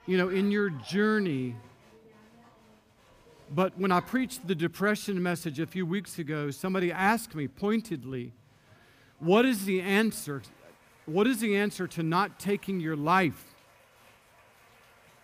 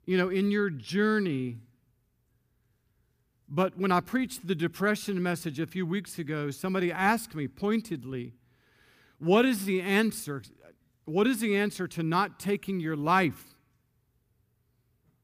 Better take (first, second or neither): second